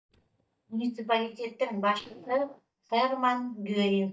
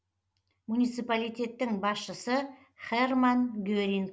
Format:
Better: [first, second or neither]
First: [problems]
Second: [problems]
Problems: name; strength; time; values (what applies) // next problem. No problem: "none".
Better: second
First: noise reduction (neural mask model DeepFilterNet 3)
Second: none